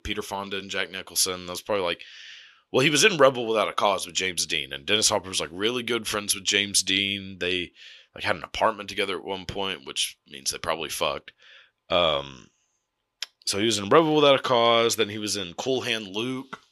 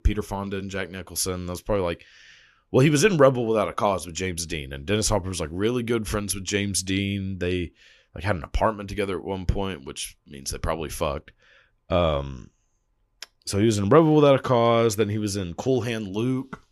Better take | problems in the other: second | thin; somewhat; fading below 550 Hz

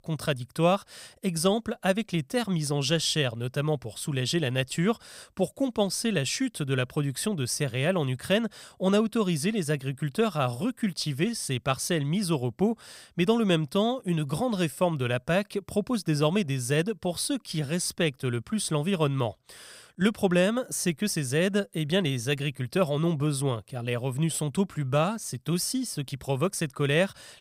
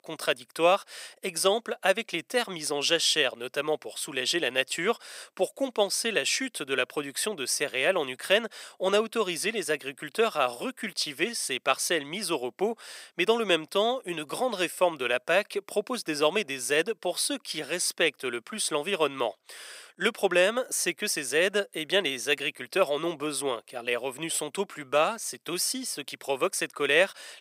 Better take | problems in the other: first | thin; very; fading below 350 Hz

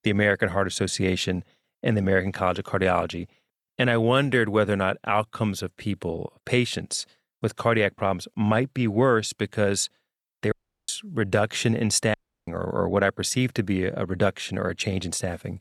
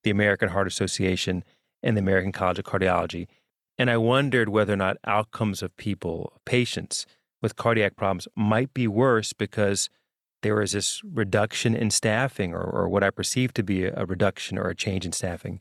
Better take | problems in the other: second | audio cutting out; at 11 s and at 12 s

